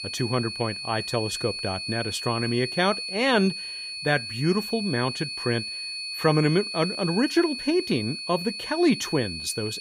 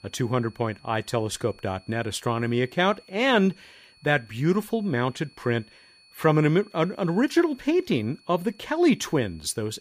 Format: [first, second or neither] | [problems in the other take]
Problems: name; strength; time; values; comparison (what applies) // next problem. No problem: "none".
second | high-pitched whine; loud; throughout; 4.5 kHz, 5 dB below the speech; faint in the second